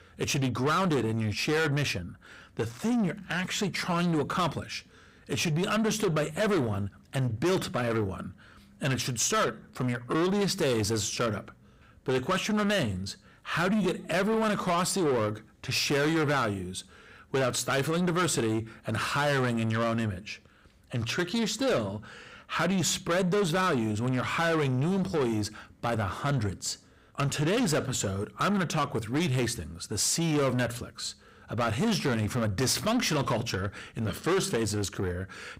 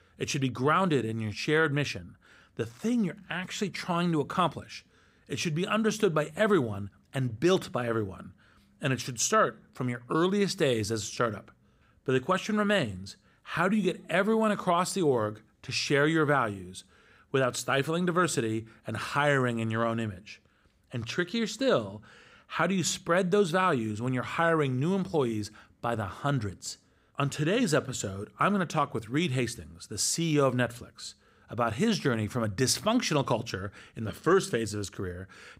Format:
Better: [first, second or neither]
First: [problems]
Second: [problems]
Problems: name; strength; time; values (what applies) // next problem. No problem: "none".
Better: second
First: distortion; heavy; 7 dB below the speech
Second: none